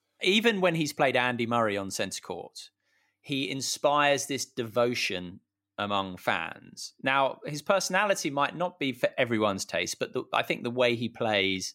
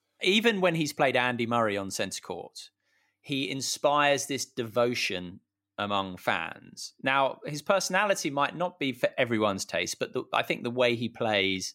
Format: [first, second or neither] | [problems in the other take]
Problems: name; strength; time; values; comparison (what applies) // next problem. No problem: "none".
neither | none